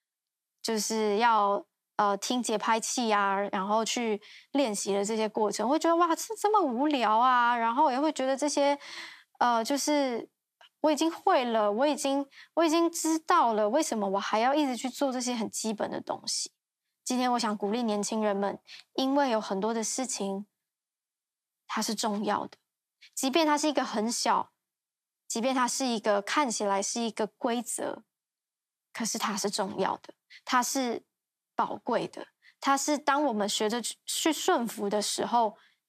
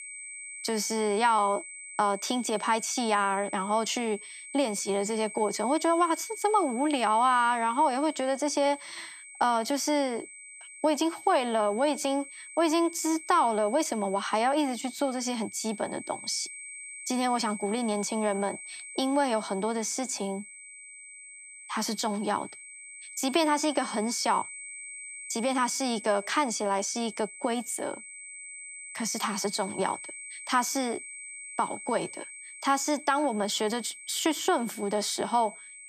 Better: first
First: none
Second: high-pitched whine; noticeable; throughout; 2.5 kHz, 15 dB below the speech

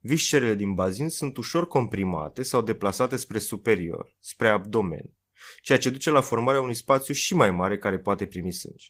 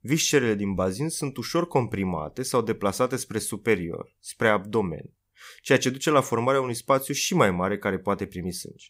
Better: second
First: garbled, watery; slightly; nothing above 15.5 kHz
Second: none

